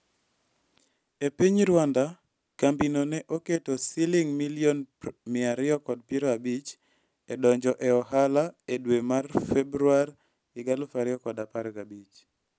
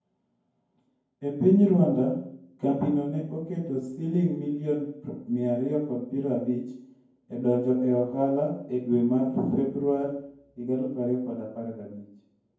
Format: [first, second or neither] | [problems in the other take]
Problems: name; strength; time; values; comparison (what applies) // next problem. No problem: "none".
first | room echo; dies away in 0.9 s